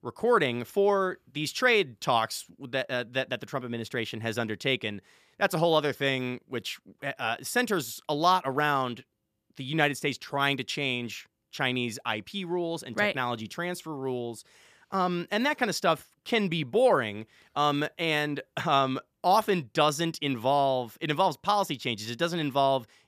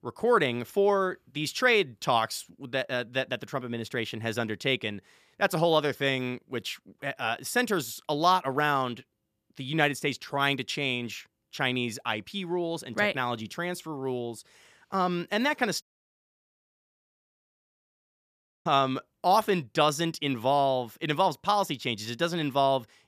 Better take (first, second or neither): first